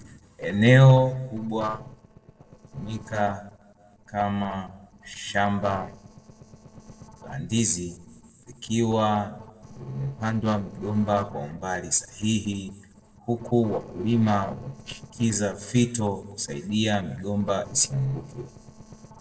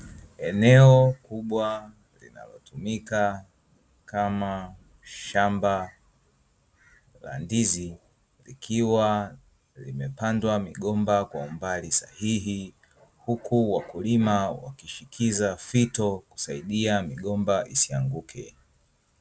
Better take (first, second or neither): second